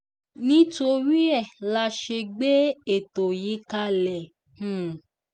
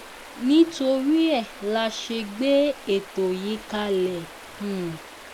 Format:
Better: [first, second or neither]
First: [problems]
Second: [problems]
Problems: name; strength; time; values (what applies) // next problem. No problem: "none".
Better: first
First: none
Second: background sound (Stream); 17 dB below the speech